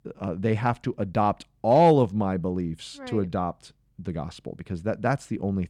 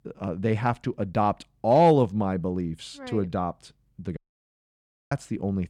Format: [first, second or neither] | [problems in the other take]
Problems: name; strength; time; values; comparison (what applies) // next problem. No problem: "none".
first | audio cutting out; at 4 s for 1 s